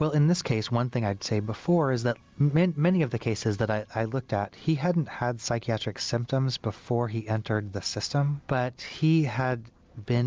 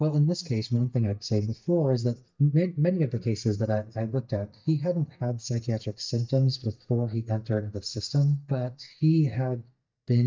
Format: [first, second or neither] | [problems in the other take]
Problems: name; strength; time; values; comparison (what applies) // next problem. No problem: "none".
first | noise reduction (neural mask model DeepFilterNet 3)